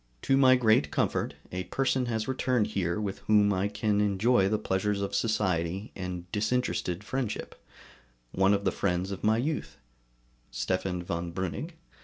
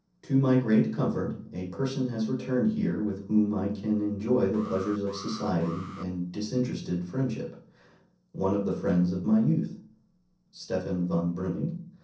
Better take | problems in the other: first | noise reduction (neural separator model SepFormer DNS4)

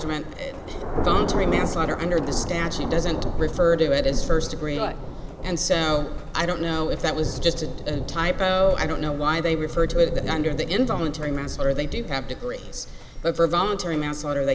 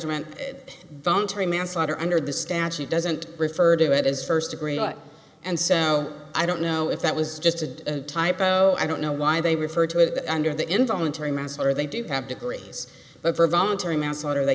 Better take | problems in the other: second | background sound (Thunder); 3 dB below the speech

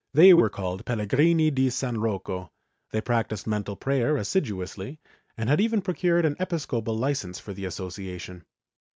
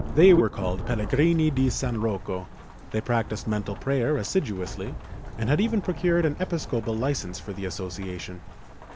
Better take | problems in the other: first | background sound (Rain / Thunderstorm); 10 dB below the speech

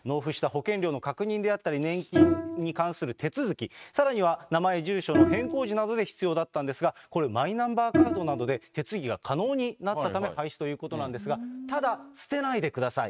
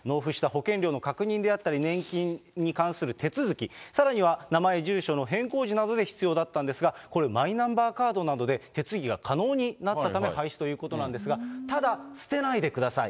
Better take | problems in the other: second | noise reduction (neural mask model RNNoise)

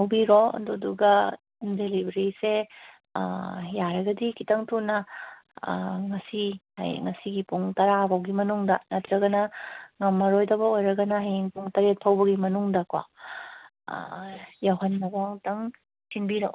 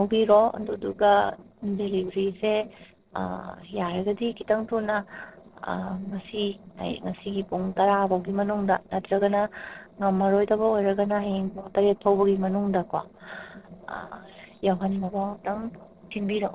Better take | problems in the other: first | noise reduction (neural separator model SepFormer DNS4)

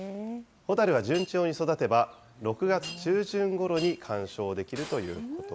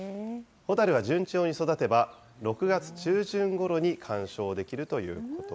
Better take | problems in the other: second | background sound (Shatter); 19 dB below the speech

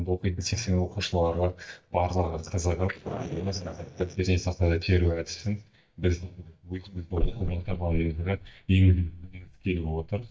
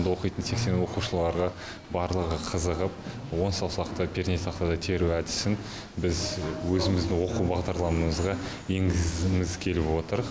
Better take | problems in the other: second | noise reduction (neural mask model DeepFilterNet 3)

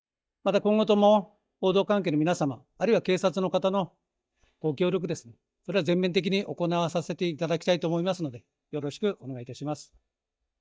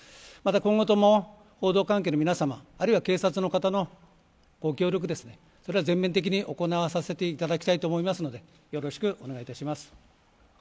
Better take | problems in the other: second | noise reduction (neural mask model DeepFilterNet 3)

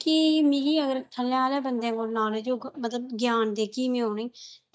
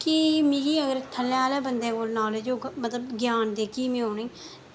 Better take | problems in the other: second | noise reduction (neural mask model DeepFilterNet 3)

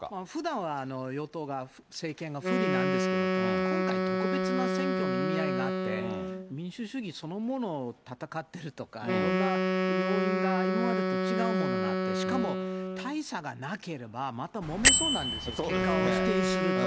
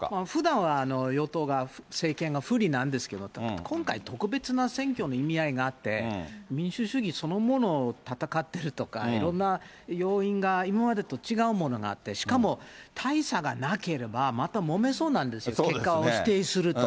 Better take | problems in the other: second | background sound (Wind instrument, woodwind instrument + Bell); 5 dB above the speech

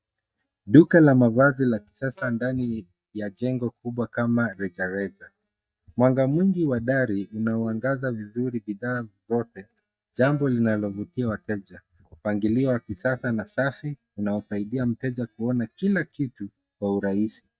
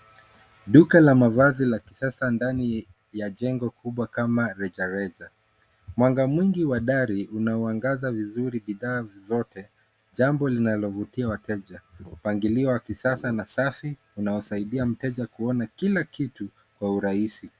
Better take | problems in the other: second | noise reduction (neural mask model DeepFilterNet 3)

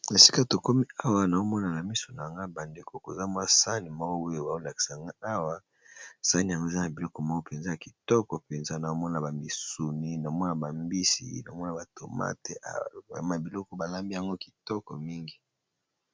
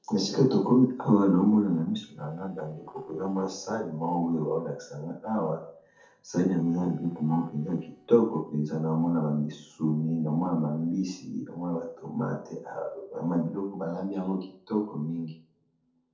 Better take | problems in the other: first | noise reduction (neural separator model SepFormer DNS4)

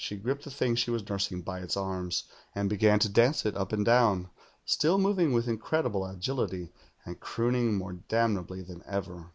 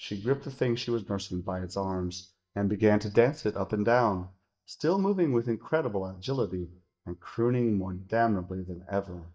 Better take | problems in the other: first | noise reduction (neural mask model DeepFilterNet 3)

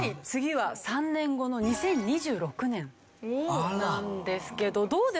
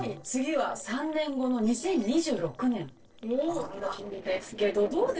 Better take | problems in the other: first | noise reduction (neural separator model SepFormer DNS4)

